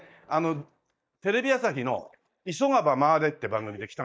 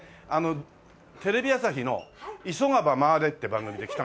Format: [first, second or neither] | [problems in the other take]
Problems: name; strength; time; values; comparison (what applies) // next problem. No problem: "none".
second | noise reduction (neural mask model DeepFilterNet 3)